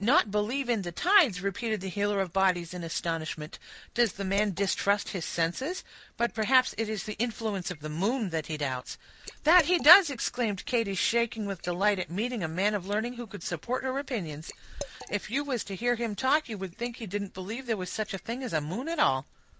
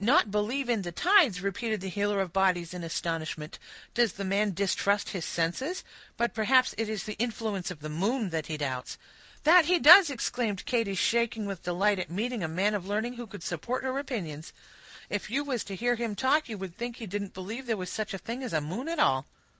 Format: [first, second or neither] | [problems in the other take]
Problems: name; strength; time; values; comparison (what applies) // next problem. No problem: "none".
second | background sound (Liquid); 20 dB below the speech